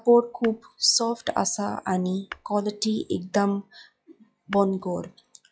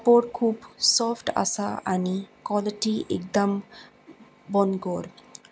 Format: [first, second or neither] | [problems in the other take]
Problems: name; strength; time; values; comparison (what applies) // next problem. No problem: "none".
second | noise reduction (classical method log-MMSE)